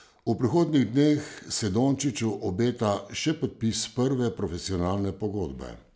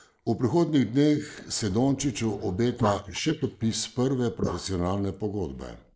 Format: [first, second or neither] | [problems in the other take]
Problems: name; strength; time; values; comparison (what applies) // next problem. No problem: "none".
first | noise reduction (neural mask model Resemble Enhance denoiser)